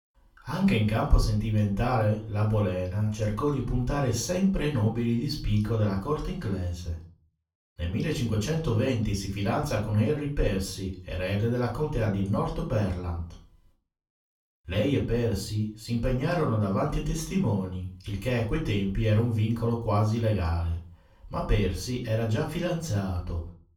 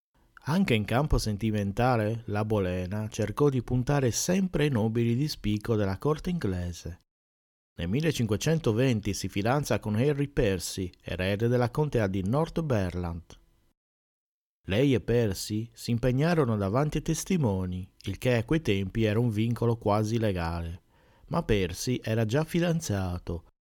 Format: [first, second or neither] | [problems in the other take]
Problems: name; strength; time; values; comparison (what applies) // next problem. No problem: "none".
second | room echo; slight; dies away in 0.3 s // off-mic speech; far